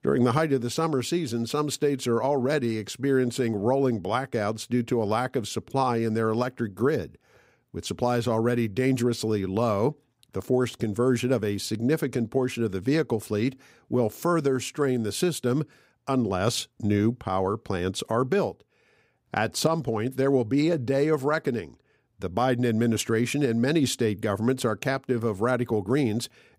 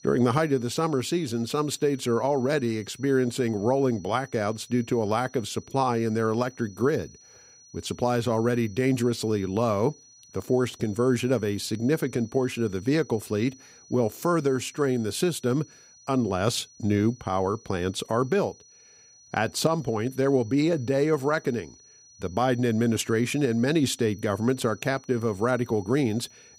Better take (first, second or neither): first